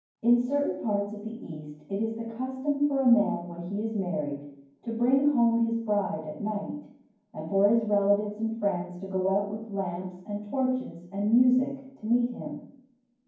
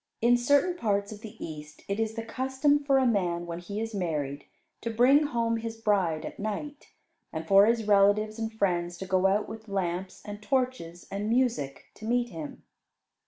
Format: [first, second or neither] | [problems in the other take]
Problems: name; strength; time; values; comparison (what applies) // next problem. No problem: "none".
second | room echo; dies away in 0.9 s